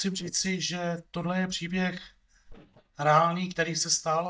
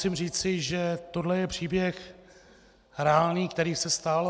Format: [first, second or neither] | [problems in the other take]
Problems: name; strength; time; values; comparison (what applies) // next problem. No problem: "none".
second | noise reduction (neural mask model DeepFilterNet 3)